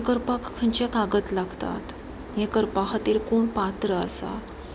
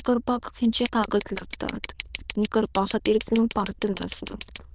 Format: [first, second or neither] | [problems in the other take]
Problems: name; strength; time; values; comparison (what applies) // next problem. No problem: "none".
first | noise reduction (neural diffusion model UNIVERSE++)